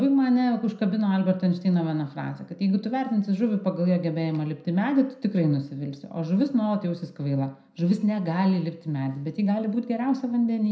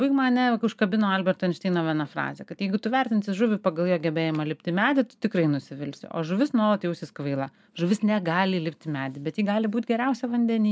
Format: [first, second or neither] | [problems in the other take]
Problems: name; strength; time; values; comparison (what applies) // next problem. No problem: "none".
second | room echo; dies away in 0.4 s